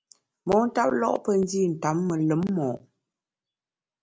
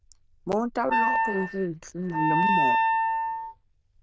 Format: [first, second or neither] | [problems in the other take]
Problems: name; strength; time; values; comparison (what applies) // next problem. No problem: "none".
first | noise reduction (neural diffusion model UNIVERSE++)